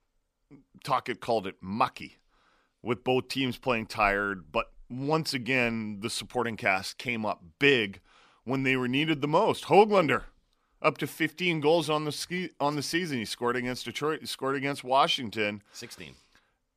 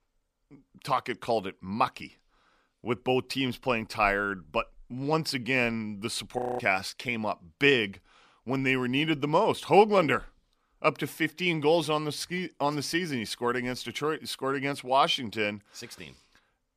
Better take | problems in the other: first | audio freezing; at 6.5 s

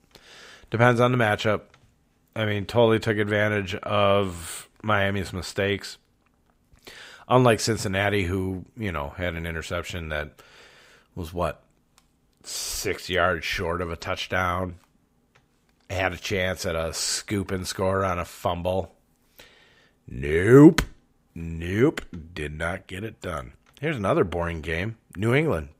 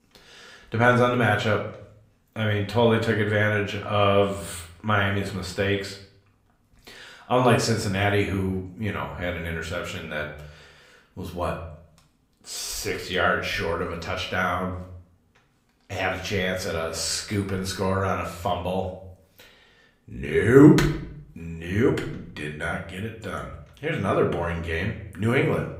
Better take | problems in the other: first | room echo; slight; dies away in 0.5 s // off-mic speech; somewhat distant

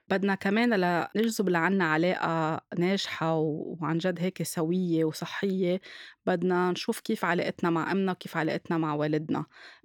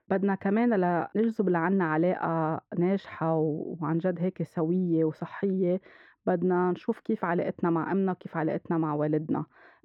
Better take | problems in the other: first | muffled; very; fading above 3 kHz

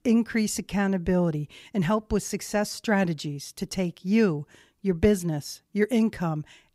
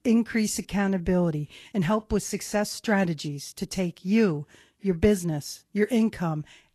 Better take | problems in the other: first | garbled, watery; slightly; nothing above 12.5 kHz

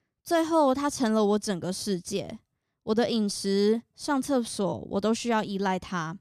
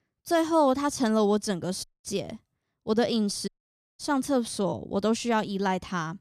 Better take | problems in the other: first | audio cutting out; at 2 s and at 3.5 s for 0.5 s

